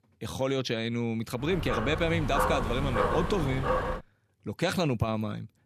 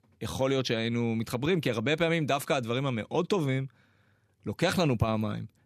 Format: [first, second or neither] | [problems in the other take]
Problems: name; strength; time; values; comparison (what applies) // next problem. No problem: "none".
second | dog barking; loud; from 1.5 to 4 s; peak 2 dB above the speech